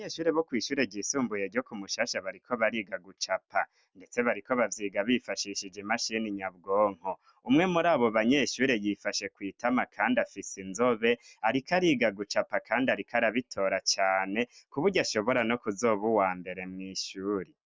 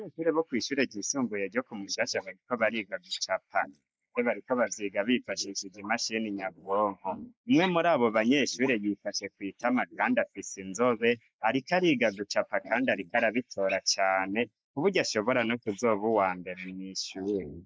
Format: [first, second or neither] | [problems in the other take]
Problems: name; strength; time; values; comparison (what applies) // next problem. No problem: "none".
first | noise reduction (neural mask model Resemble Enhance denoiser)